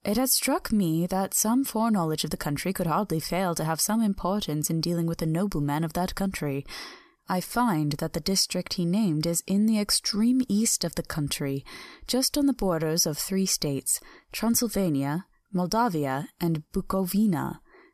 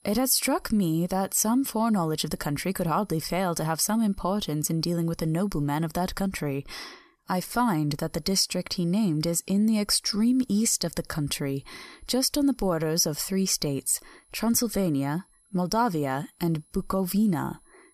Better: first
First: none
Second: high-pitched whine; faint; until 5.5 s and from 8 s on; 10.5 kHz, 35 dB below the speech

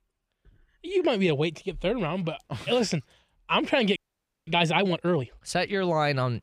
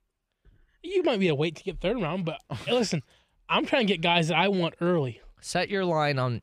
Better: second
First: audio freezing; at 4 s for 0.5 s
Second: none

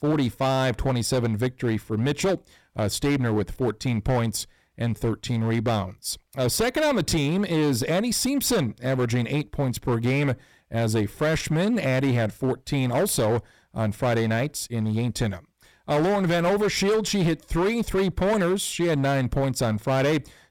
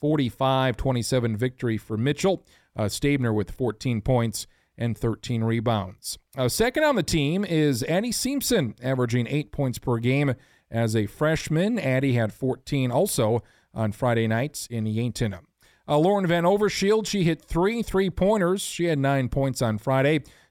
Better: second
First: distortion; slight; 13% of the sound clipped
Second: none

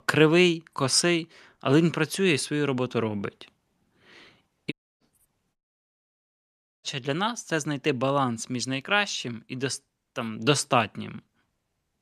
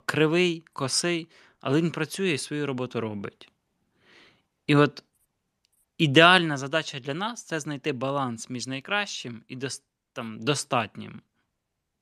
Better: second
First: audio cutting out; at 4.5 s and at 5.5 s for 1.5 s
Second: none

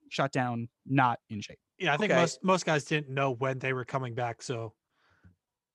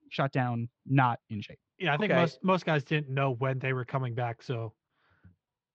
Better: first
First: none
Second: muffled; slightly; fading above 4 kHz

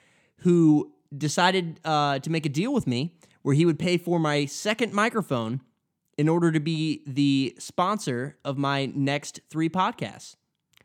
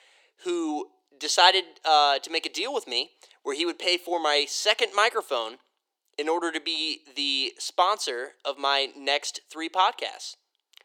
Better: first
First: none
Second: thin; very; fading below 400 Hz

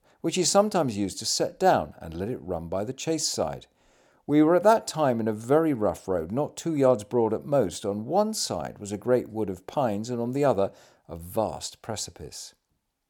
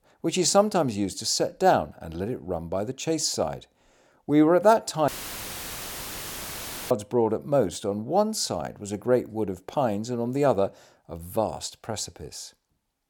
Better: first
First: none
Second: audio cutting out; filled with static; at 5 s for 2 s

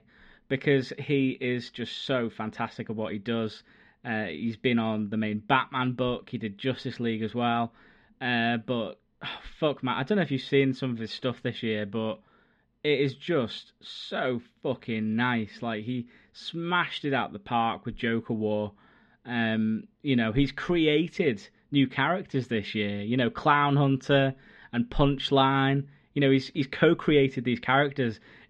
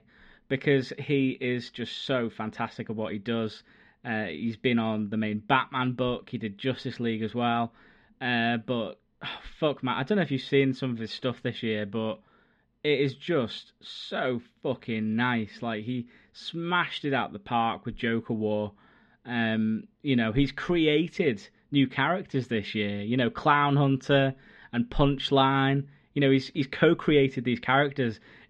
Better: neither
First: muffled; slightly; fading above 4 kHz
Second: muffled; slightly; fading above 4 kHz

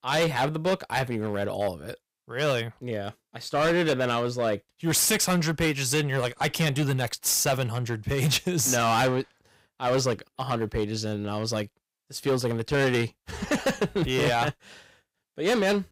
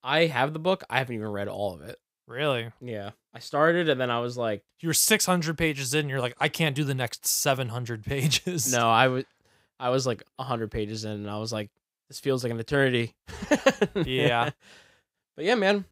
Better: second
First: distortion; heavy; 10% of the sound clipped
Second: none

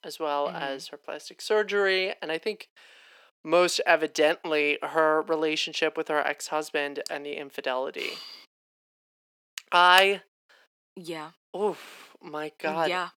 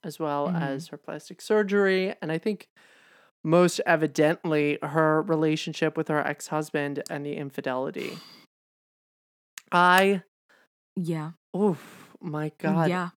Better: second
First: thin; somewhat; fading below 500 Hz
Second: none

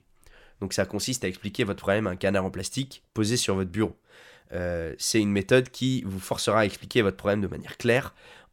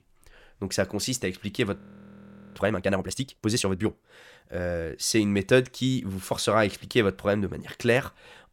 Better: first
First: none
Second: audio freezing; at 2 s for 1 s

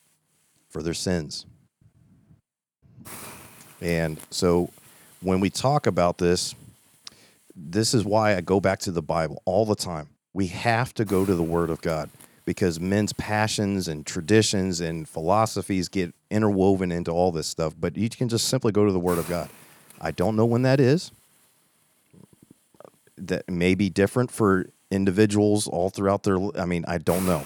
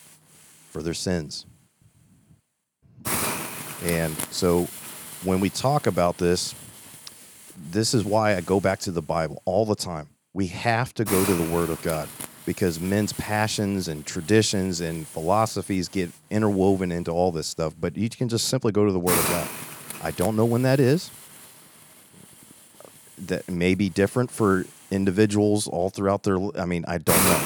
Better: first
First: hiss; faint; throughout; 20 dB below the speech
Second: hiss; loud; throughout; 6 dB below the speech

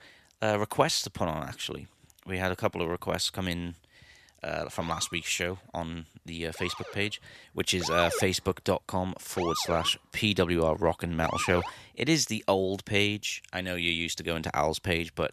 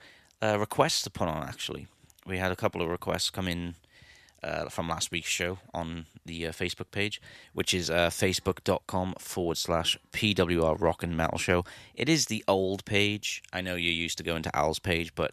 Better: second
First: siren; noticeable; from 5 to 12 s; peak 2 dB below the speech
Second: none

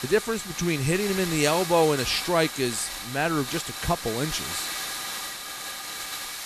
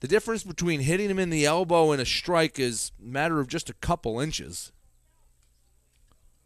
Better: second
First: hiss; loud; throughout; 6 dB below the speech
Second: none

